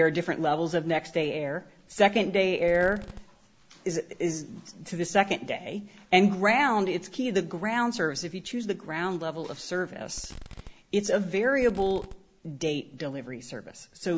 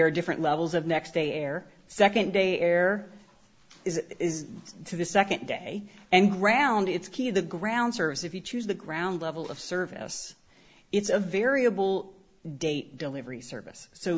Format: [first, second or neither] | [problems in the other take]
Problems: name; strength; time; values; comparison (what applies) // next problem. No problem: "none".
second | background sound (Fireworks); 16 dB below the speech